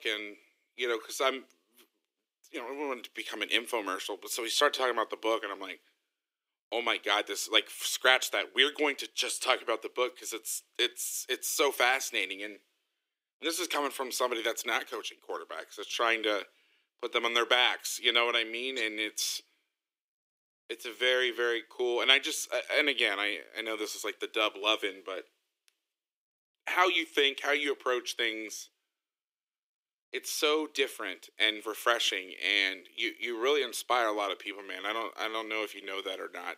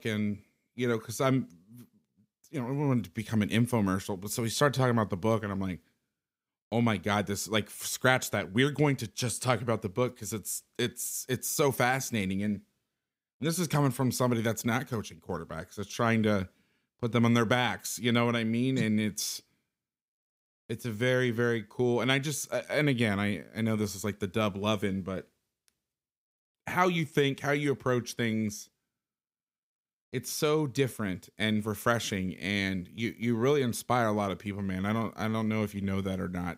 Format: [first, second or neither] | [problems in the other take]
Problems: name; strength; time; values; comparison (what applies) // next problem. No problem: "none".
second | thin; very; fading below 300 Hz